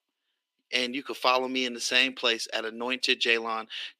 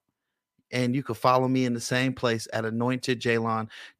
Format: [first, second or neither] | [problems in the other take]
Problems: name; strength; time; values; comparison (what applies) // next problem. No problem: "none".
second | thin; very slightly; fading below 300 Hz